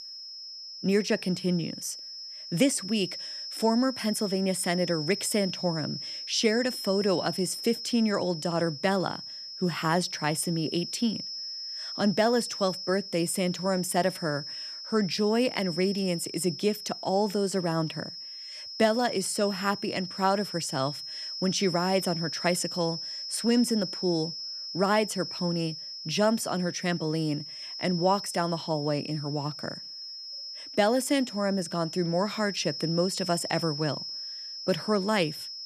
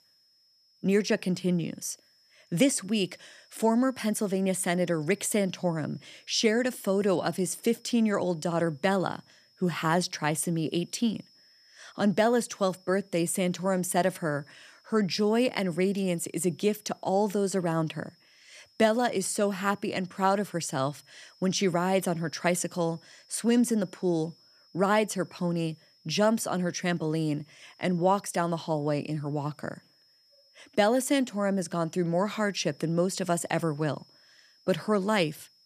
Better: second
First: high-pitched whine; loud; throughout; 5 kHz, 8 dB below the speech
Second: high-pitched whine; faint; throughout; 5 kHz, 30 dB below the speech

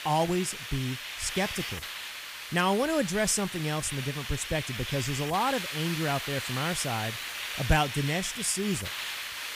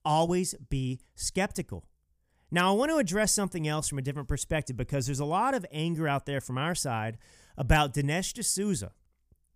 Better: second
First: hiss; loud; throughout; 5 dB below the speech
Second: none

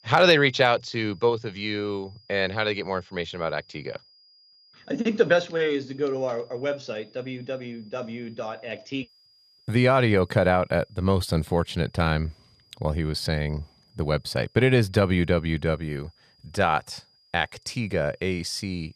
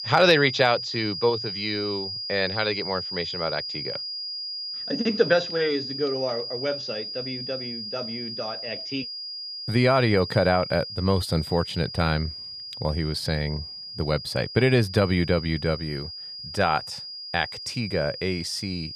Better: first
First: high-pitched whine; faint; throughout; 5 kHz, 30 dB below the speech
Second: high-pitched whine; loud; throughout; 5 kHz, 7 dB below the speech

